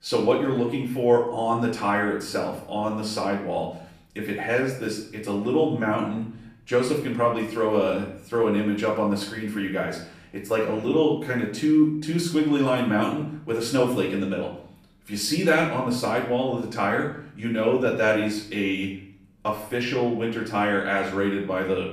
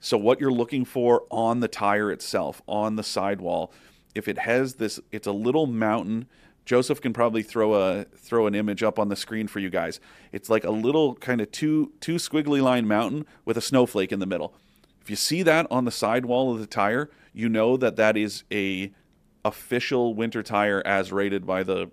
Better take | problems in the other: second | off-mic speech; far // room echo; noticeable; dies away in 0.6 s

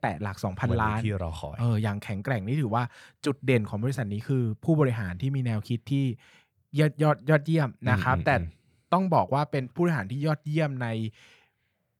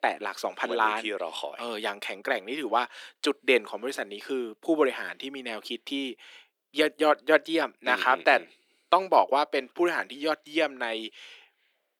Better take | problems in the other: first | thin; very; fading below 300 Hz

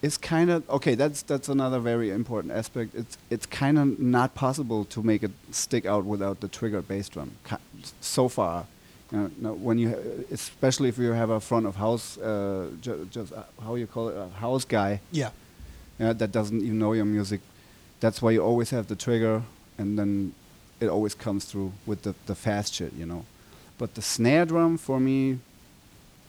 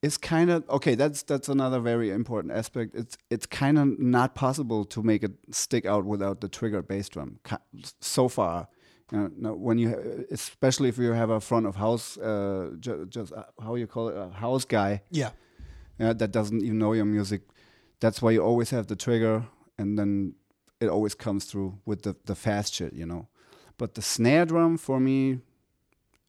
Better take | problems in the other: second | hiss; faint; throughout; 25 dB below the speech

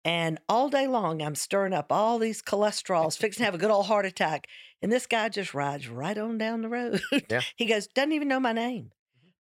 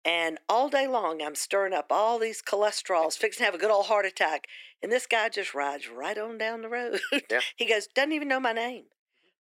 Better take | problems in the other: first | thin; somewhat; fading below 300 Hz

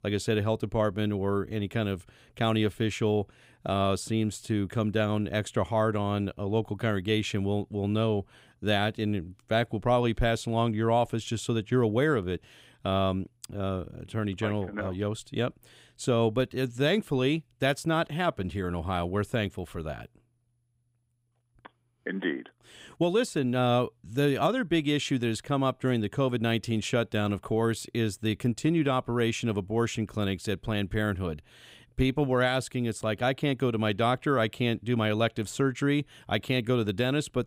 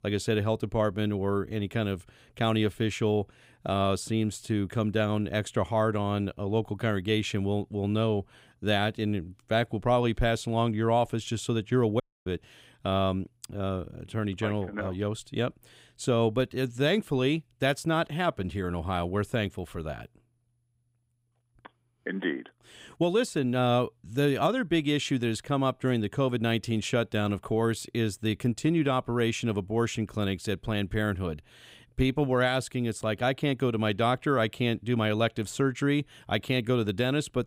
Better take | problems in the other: first | audio cutting out; at 12 s

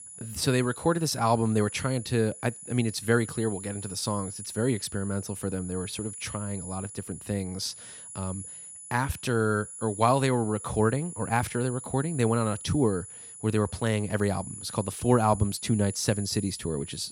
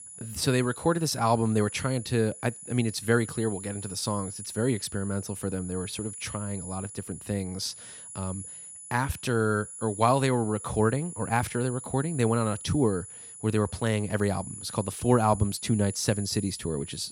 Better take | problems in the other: neither | high-pitched whine; noticeable; throughout; 10 kHz, 10 dB below the speech; the same in both

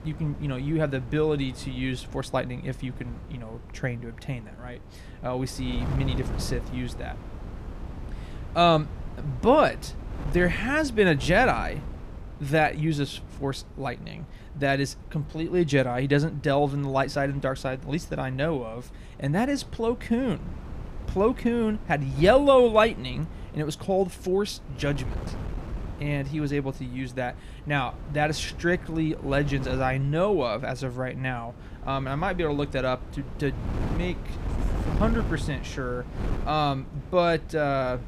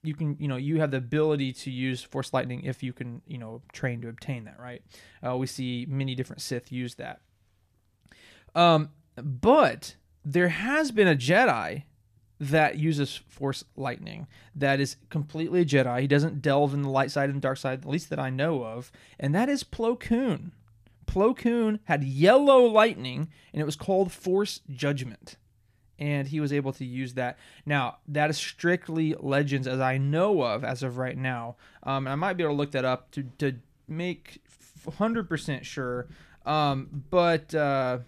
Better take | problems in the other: second | wind noise on the microphone; occasional gusts; 20 dB below the speech

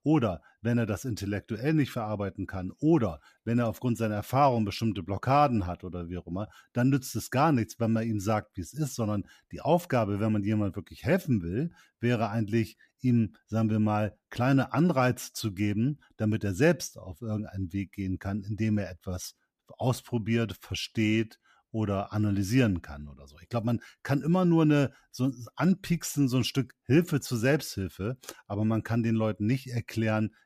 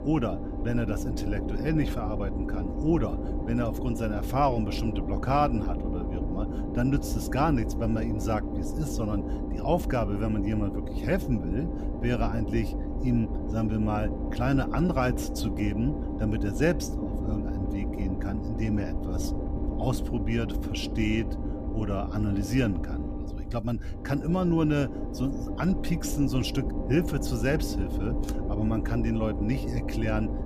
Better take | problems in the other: first | low rumble; loud; throughout; 6 dB below the speech

